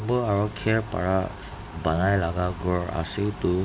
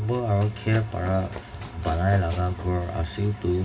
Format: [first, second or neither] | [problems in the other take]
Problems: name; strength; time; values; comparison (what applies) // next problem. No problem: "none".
first | background sound (Run); 18 dB below the speech // room echo; dies away in 0.4 s